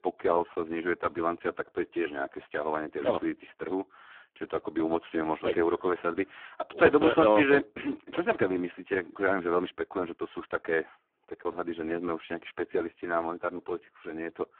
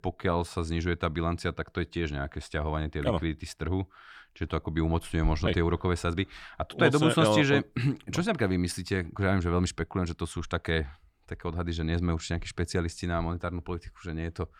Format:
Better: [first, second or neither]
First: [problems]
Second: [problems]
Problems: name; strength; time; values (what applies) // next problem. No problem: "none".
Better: second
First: phone-call audio; poor line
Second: none